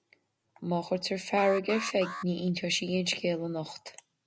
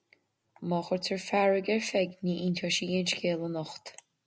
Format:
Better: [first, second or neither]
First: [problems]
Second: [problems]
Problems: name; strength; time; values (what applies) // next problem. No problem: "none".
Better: second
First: background sound (Alarm); 12 dB below the speech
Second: none